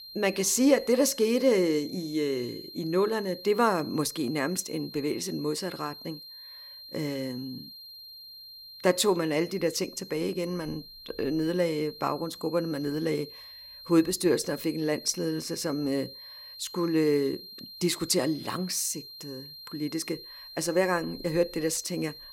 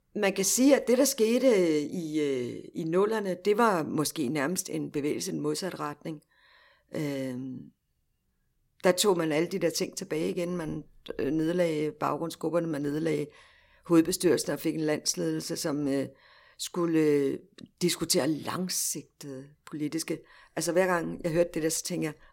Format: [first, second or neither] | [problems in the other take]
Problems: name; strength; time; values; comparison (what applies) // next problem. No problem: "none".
second | high-pitched whine; noticeable; throughout; 4 kHz, 15 dB below the speech